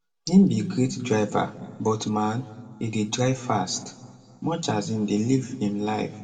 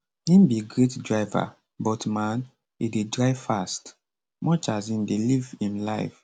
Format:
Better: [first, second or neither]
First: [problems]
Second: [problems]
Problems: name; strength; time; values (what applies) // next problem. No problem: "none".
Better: second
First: room echo; dies away in 1.2 s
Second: none